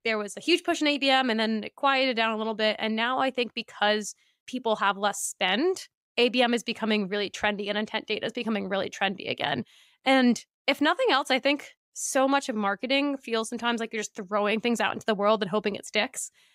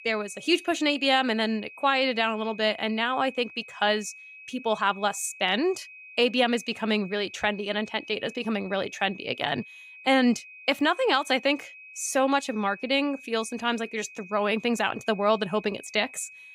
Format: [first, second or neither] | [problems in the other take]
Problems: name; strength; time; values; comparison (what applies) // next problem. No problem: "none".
first | high-pitched whine; noticeable; throughout; 2.5 kHz, 20 dB below the speech